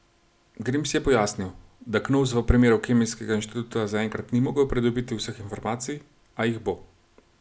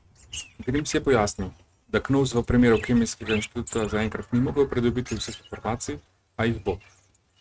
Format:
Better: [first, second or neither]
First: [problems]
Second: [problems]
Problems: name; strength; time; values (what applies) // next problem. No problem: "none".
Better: first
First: none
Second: noise reduction (neural mask model RNNoise)